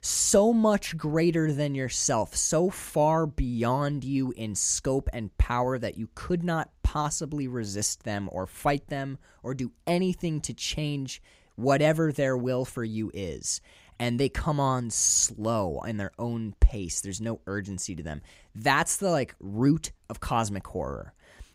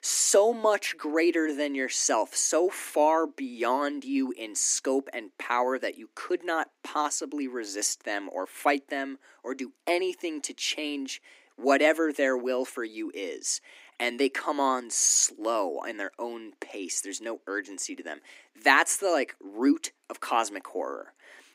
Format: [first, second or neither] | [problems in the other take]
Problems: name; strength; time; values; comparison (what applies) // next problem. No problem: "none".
first | thin; very slightly; fading below 250 Hz